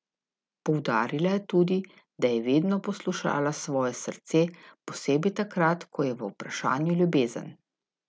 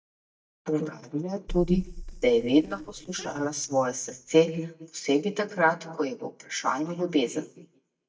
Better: first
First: none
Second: noise reduction (neural mask model DeepFilterNet 3)

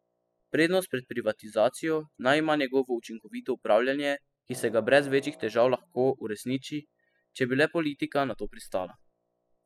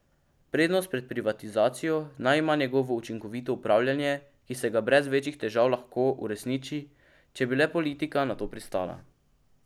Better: second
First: noise reduction (classical method spectral subtraction)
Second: none

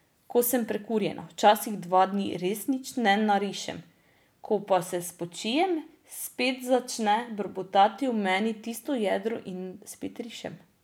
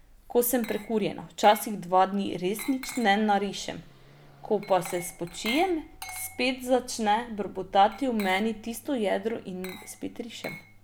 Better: first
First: none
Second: background sound (Car passing by / Accelerating, revving, vroom + Glass); 17 dB below the speech

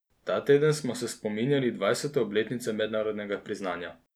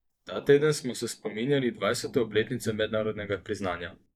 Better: first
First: none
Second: noise reduction (neural mask model DeepFilterNet 3)

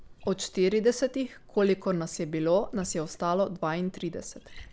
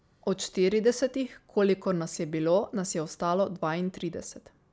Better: second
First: background sound (Liquid); 19 dB below the speech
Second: none

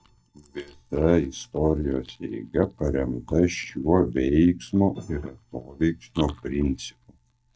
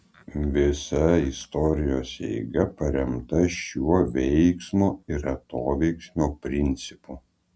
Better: second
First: noise reduction (neural mask model DeepFilterNet 3)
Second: none

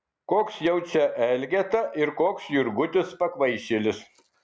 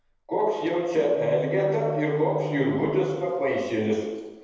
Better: first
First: none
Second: background sound (Wind instrument, woodwind instrument); 11 dB below the speech // room echo; dies away in 1 s

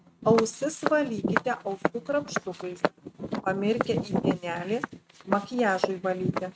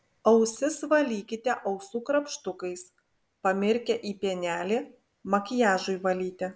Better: second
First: noise reduction (neural mask model RNNoise)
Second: none

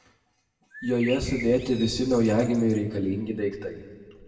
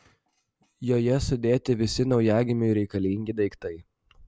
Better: second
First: background sound (Bird); 16 dB below the speech // room echo; dies away in 1.5 s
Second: none

